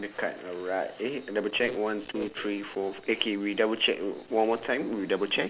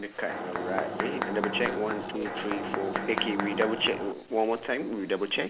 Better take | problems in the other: first | background sound (Mechanisms); 3 dB below the speech

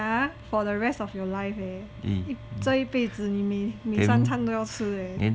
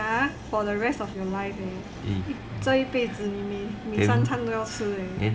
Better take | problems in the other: first | background sound (Train); 14 dB below the speech // room echo; dies away in 0.8 s

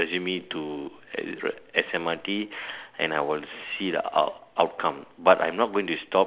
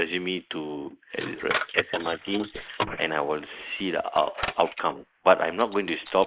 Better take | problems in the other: first | noise reduction (neural mask model Resemble Enhance denoiser)

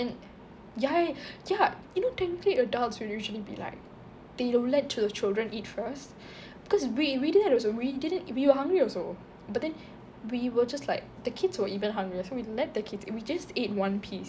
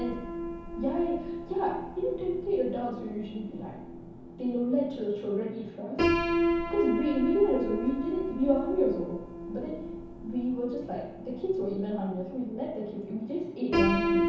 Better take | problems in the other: first | background sound (Piano); 3 dB below the speech // room echo; dies away in 0.8 s

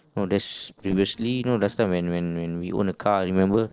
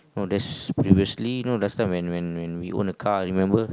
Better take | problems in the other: second | noise reduction (neural separator model SepFormer DNS4)

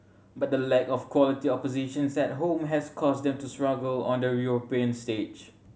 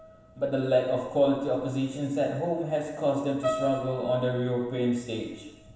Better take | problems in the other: first | background sound (Piano); 13 dB below the speech // room echo; dies away in 1 s

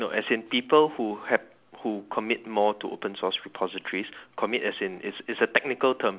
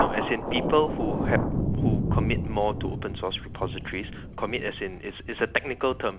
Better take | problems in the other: first | background sound (Thunder); 1 dB above the speech

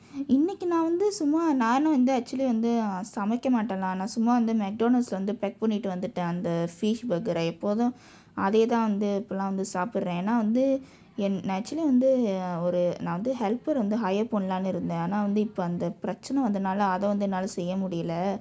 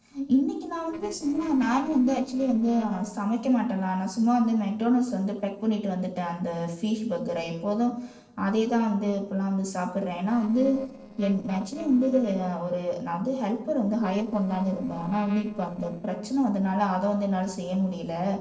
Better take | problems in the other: first | noise reduction (neural separator model SepFormer DNS4)

